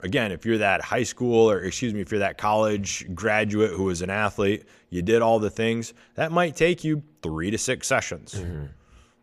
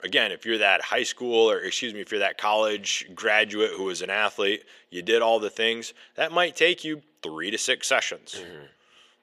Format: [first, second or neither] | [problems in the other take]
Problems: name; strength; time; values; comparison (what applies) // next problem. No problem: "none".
first | thin; somewhat; fading below 400 Hz